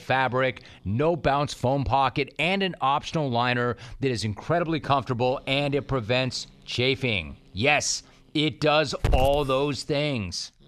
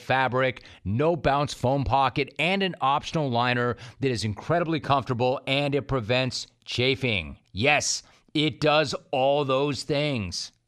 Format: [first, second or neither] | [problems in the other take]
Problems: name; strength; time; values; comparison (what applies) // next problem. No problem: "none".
second | hiss; loud; throughout; 8 dB below the speech